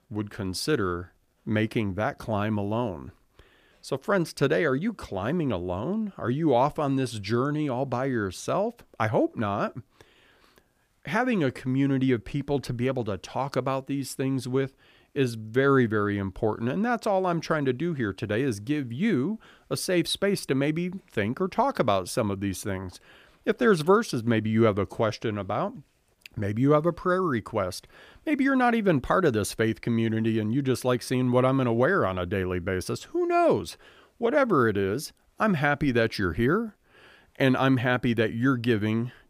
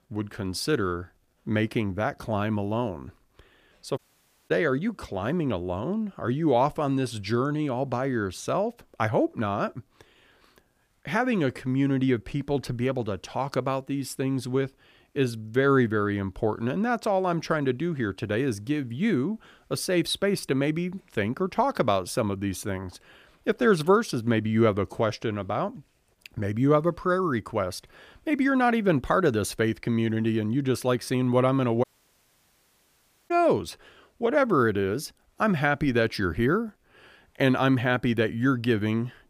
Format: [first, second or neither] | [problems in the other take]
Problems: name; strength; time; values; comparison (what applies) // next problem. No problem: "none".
first | audio cutting out; at 4 s for 0.5 s and at 32 s for 1.5 s